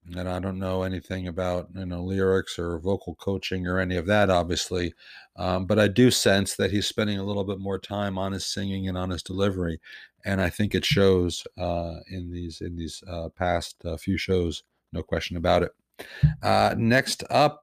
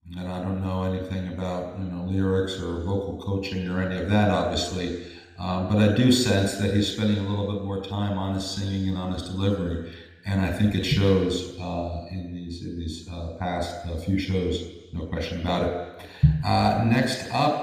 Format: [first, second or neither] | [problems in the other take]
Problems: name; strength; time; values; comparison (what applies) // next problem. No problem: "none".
first | room echo; noticeable; dies away in 1.1 s